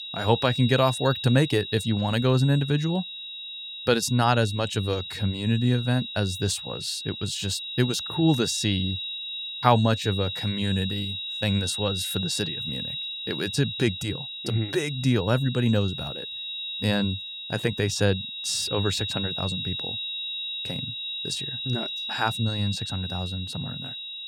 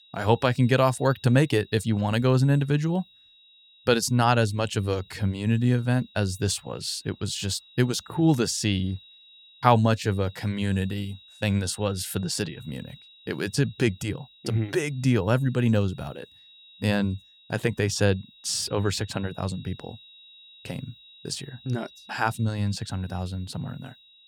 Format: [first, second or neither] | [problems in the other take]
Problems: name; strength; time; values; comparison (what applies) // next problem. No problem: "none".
second | high-pitched whine; loud; throughout; 4 kHz, 5 dB below the speech; faint in the second